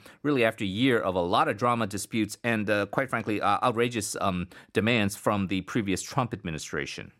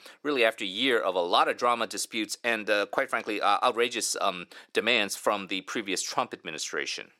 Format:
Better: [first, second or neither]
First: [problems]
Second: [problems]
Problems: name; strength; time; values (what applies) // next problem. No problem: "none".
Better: first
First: none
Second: thin; somewhat; fading below 450 Hz